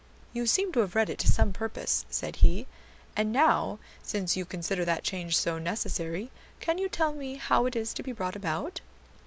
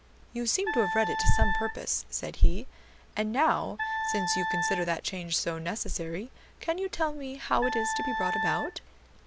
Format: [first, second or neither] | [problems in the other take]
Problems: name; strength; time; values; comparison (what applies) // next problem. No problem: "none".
first | background sound (Wind instrument, woodwind instrument); 5 dB below the speech